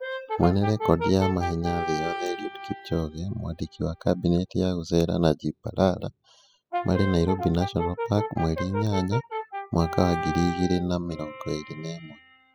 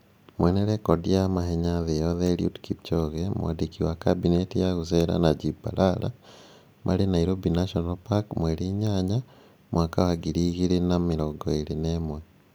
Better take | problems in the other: second | noise reduction (classical method spectral subtraction)

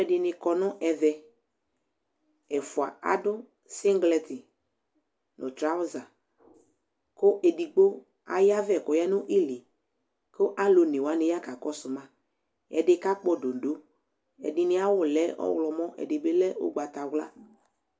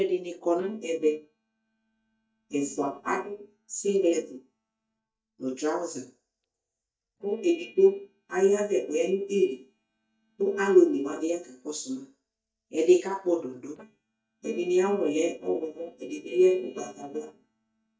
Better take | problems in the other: first | noise reduction (neural mask model DeepFilterNet 3)

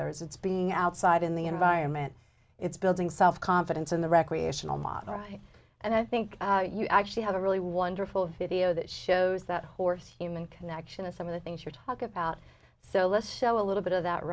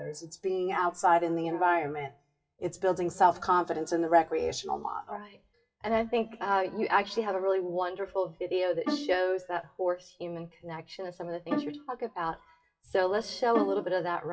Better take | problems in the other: first | noise reduction (classical method WPE with log-MMSE)

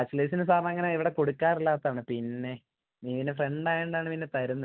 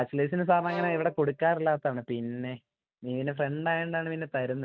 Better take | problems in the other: first | noise reduction (neural mask model RNNoise)

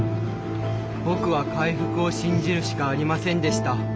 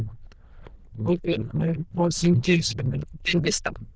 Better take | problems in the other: first | noise reduction (neural diffusion model UNIVERSE++)

